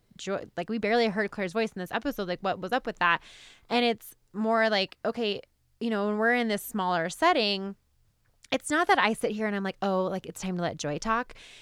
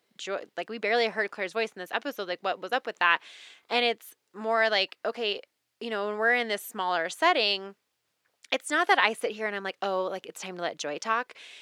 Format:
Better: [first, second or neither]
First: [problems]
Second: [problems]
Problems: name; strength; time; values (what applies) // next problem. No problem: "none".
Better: first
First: none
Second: thin; somewhat; fading below 400 Hz